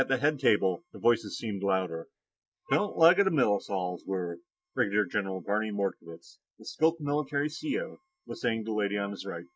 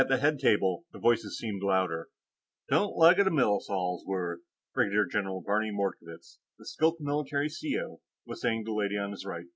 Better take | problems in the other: second | noise reduction (neural mask model DeepFilterNet 3)

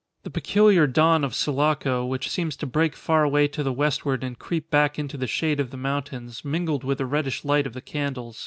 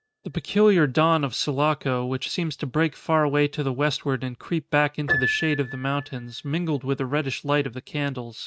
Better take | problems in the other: first | noise reduction (neural mask model RNNoise)

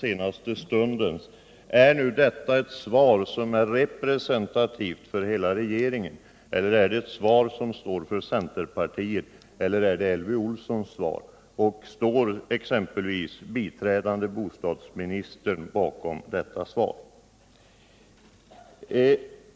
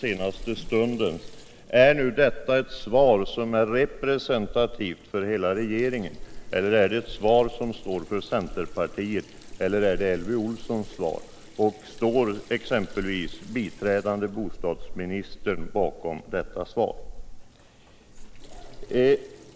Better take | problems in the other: first | background sound (Sink (filling or washing) / Water tap, faucet); 12 dB below the speech

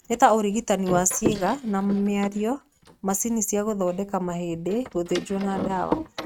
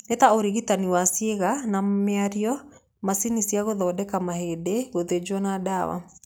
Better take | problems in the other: second | noise reduction (neural mask model RNNoise)

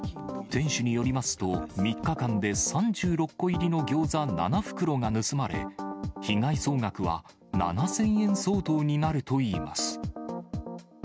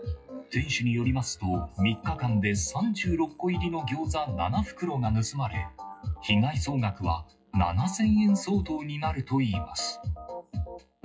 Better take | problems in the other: first | noise reduction (classical method WPE with log-MMSE)

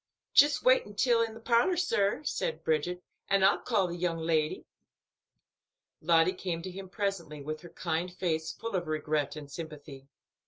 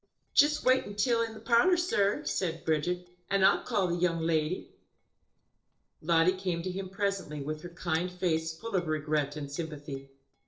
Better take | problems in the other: first | noise reduction (neural separator model SepFormer DNS4)

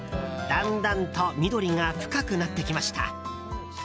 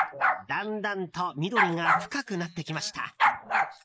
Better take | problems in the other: first | noise reduction (neural mask model Resemble Enhance denoiser)

